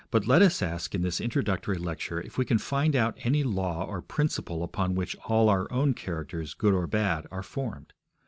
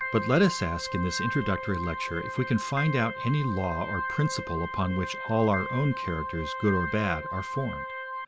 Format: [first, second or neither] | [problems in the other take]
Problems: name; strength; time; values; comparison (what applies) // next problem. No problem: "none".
first | background sound (Organ); 6 dB below the speech